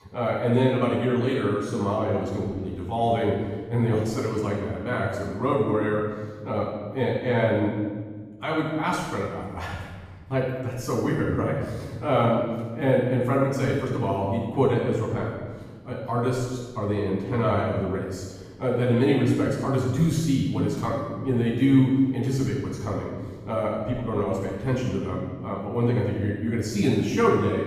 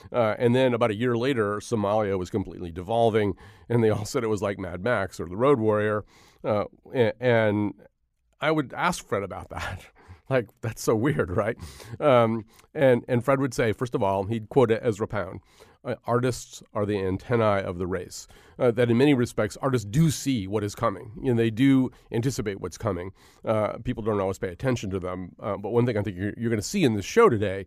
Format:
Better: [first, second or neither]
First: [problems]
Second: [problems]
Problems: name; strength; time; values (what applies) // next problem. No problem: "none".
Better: second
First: room echo; strong; dies away in 1.5 s // off-mic speech; far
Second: none